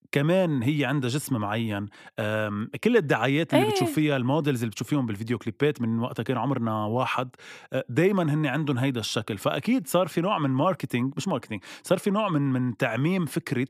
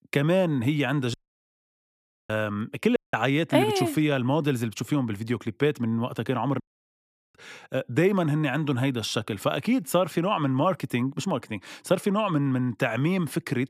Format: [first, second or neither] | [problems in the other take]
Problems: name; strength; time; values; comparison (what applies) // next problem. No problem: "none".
first | audio cutting out; at 1 s for 1 s, at 3 s and at 6.5 s for 0.5 s